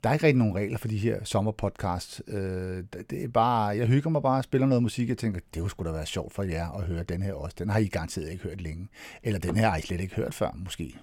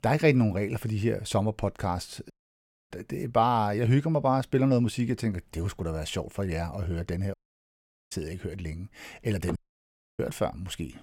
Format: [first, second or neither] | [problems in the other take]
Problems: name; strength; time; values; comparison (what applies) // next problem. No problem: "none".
first | audio cutting out; at 2.5 s for 0.5 s, at 7.5 s for 1 s and at 9.5 s for 0.5 s